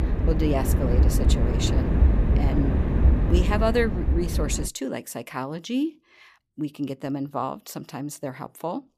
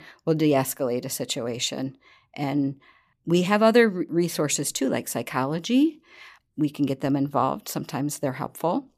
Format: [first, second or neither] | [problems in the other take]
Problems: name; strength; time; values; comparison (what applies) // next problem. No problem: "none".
second | wind noise on the microphone; heavy; until 4.5 s; 3 dB below the speech